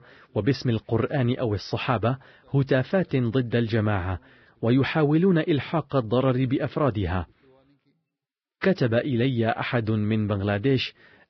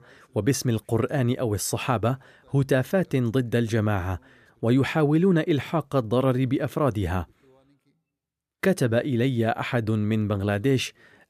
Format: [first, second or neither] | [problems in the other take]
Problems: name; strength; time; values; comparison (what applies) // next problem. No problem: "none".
second | garbled, watery; badly; nothing above 5.5 kHz